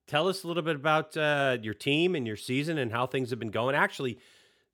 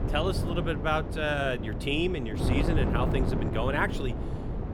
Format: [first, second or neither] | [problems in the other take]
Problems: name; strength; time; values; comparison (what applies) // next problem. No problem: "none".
first | wind noise on the microphone; heavy; 7 dB below the speech